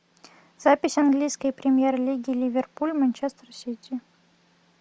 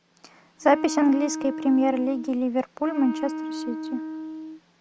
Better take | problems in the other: first | background sound (Wind instrument, woodwind instrument); 8 dB below the speech

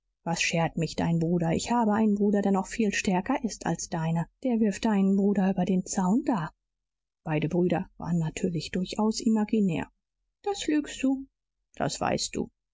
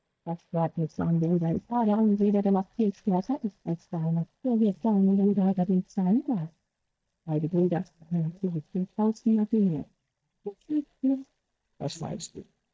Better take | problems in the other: first | noise reduction (neural mask model DeepFilterNet 3)

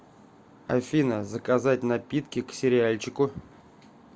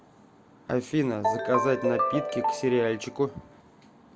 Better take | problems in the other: first | background sound (Ringtone); 1 dB below the speech

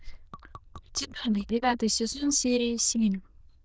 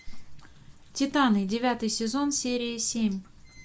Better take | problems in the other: second | noise reduction (neural diffusion model UNIVERSE++)

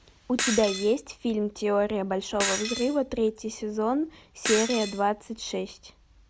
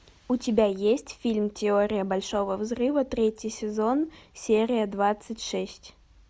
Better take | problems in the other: second | background sound (Shatter); 8 dB below the speech

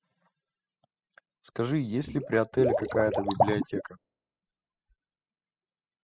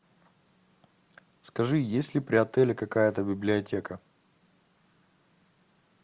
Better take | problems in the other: second | noise reduction (classical method spectral subtraction)

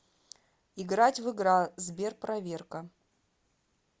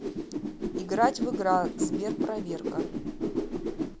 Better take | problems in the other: first | background sound (Whoosh, swoosh, swish); as loud as the speech

